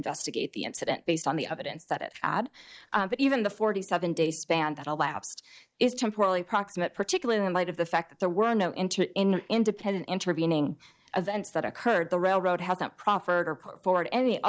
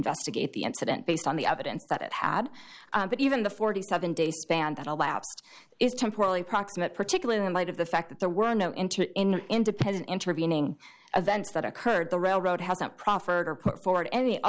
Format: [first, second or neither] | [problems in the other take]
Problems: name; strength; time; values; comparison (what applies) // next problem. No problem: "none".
second | noise reduction (neural mask model DeepFilterNet 3)